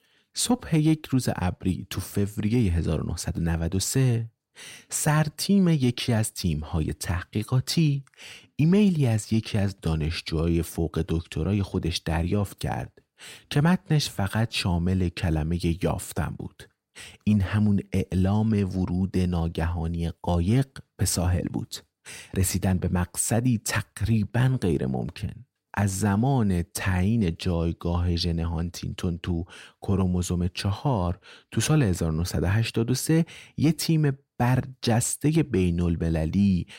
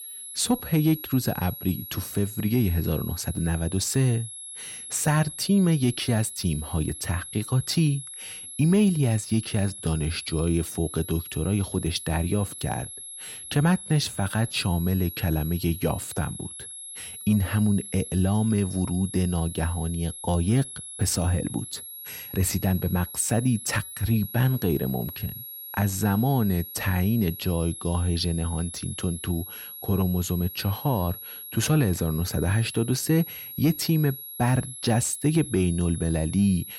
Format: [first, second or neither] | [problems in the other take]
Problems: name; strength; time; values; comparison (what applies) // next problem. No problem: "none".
first | high-pitched whine; noticeable; throughout; 11.5 kHz, 10 dB below the speech